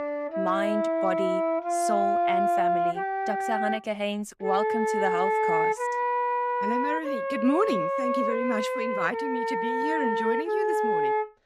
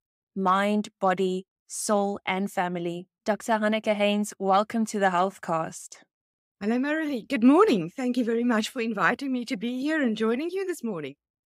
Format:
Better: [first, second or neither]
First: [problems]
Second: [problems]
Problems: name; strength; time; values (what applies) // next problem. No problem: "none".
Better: second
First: background music; very loud; throughout; 4 dB above the speech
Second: none